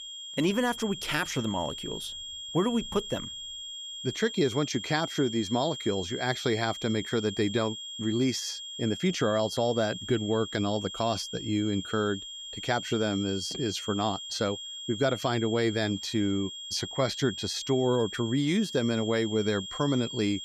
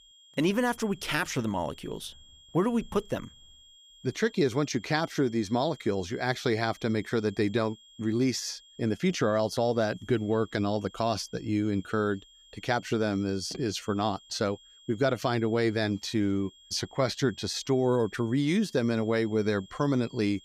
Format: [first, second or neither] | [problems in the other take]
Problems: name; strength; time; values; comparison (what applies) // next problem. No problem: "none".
second | high-pitched whine; loud; throughout; 3.5 kHz, 8 dB below the speech; faint in the second